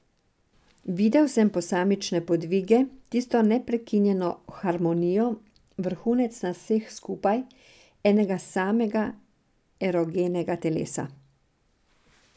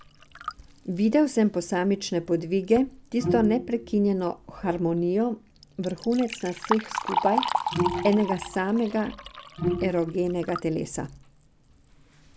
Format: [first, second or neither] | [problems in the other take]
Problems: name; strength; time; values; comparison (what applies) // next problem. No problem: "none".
first | background sound (Liquid + Bowed string instrument); 7 dB below the speech